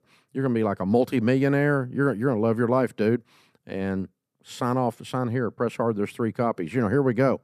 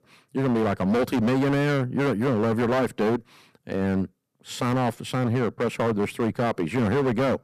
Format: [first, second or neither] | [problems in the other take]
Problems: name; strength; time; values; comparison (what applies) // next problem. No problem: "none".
first | distortion; heavy; 17% of the sound clipped